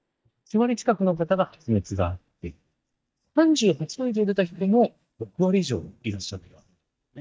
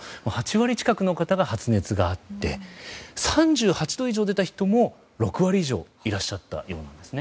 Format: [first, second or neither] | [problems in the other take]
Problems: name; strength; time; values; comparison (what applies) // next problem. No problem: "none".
second | noise reduction (neural mask model DeepFilterNet 3)